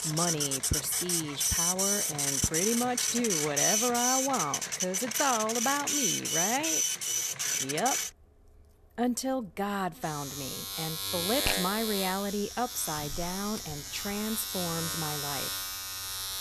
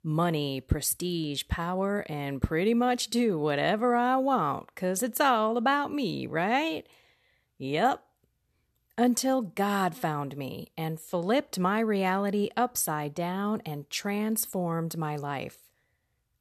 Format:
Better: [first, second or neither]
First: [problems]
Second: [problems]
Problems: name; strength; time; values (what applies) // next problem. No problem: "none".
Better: second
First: household noises; very loud; throughout; 3 dB above the speech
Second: none